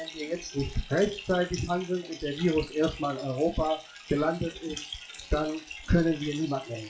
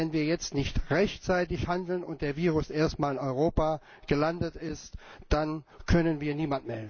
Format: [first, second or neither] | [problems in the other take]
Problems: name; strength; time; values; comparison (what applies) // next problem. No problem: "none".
second | noise reduction (classical method WPE with log-MMSE)